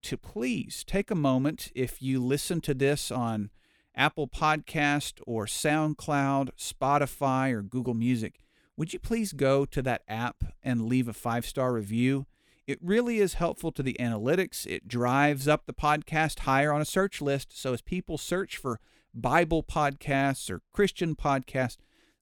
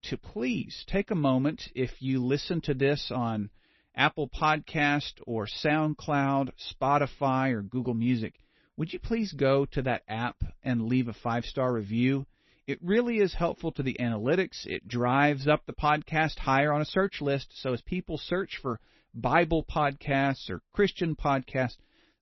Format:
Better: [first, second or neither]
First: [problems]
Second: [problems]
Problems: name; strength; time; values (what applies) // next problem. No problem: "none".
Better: first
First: none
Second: garbled, watery; slightly; nothing above 6 kHz